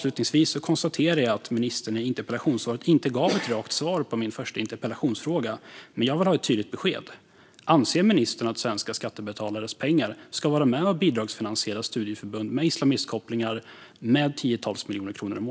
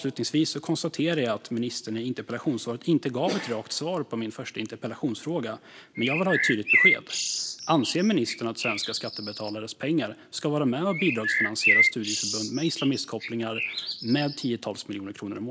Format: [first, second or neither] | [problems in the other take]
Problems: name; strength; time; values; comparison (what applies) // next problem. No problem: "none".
first | background sound (Bird); 1 dB above the speech